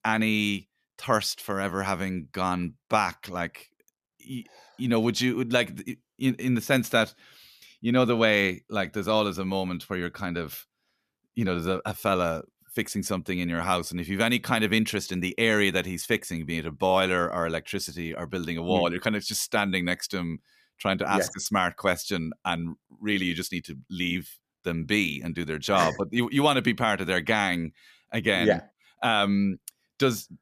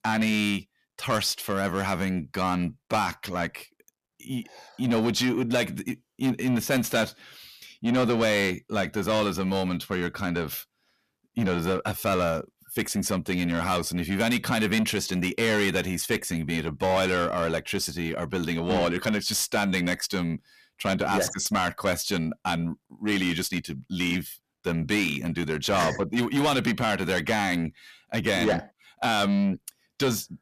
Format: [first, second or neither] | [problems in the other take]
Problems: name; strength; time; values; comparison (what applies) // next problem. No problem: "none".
first | distortion; heavy; 8 dB below the speech